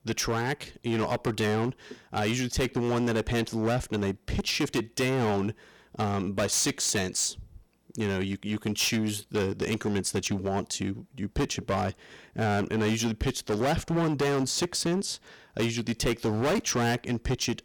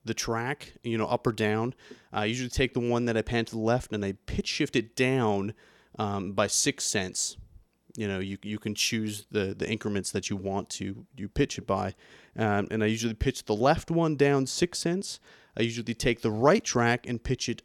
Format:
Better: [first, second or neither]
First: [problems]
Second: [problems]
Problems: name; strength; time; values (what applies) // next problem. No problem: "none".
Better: second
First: distortion; heavy; 14% of the sound clipped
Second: none